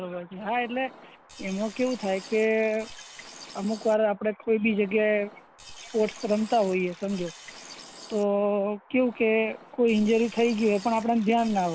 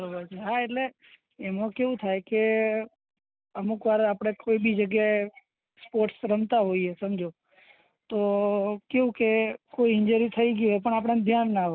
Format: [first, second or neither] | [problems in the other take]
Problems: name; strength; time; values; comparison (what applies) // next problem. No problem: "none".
second | background sound (Liquid); 20 dB below the speech